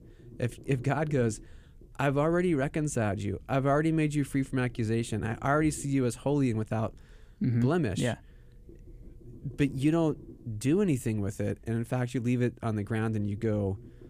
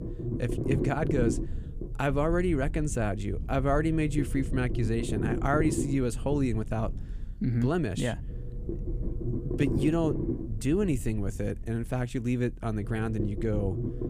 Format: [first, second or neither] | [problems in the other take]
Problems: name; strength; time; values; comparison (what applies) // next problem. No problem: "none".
first | low rumble; loud; throughout; 7 dB below the speech; faint in the first